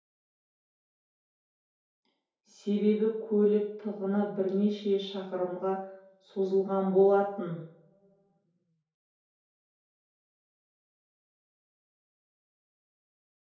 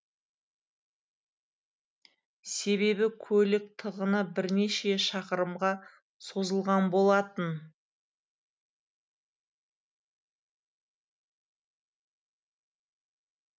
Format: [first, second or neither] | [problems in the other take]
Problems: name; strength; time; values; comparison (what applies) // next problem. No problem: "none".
second | room echo; dies away in 2.4 s